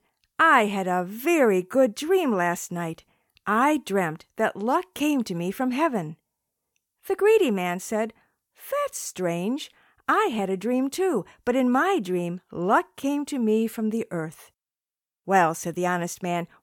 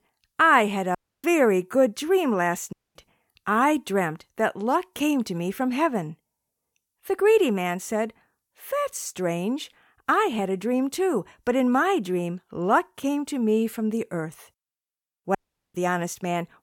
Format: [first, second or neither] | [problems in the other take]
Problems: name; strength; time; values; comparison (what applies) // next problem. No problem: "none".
first | audio cutting out; at 1 s, at 2.5 s and at 15 s